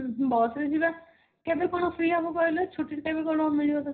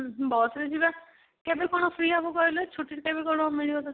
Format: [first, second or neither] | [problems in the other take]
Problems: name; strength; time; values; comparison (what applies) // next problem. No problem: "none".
second | room echo; dies away in 0.5 s